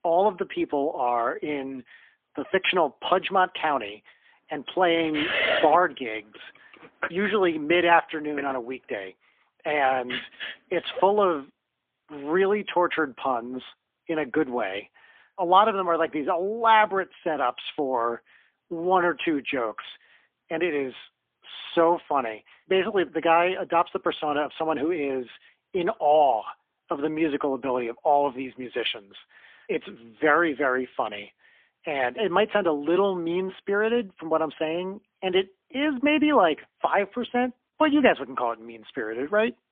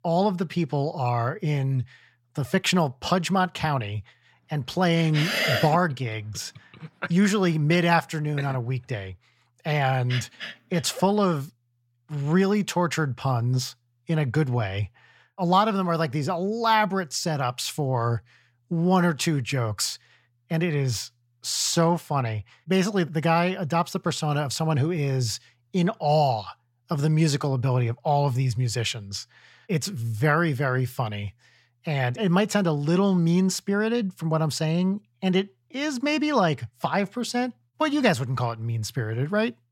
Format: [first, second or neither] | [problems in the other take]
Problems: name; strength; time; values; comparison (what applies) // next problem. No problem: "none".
second | phone-call audio; poor line; nothing above 3.5 kHz